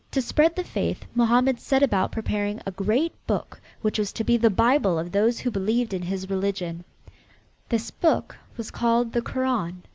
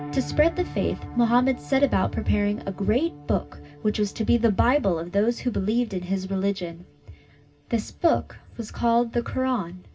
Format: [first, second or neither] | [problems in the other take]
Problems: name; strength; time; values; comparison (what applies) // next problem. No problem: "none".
first | background sound (Piano); 18 dB below the speech // room echo; dies away in 0.4 s